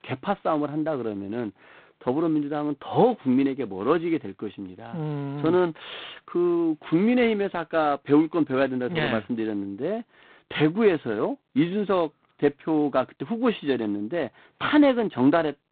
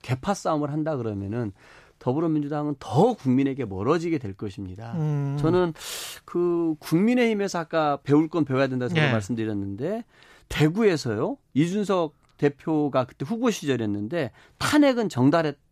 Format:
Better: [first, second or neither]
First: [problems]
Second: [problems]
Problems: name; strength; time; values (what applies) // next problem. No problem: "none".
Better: second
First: phone-call audio; poor line; nothing above 4 kHz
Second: none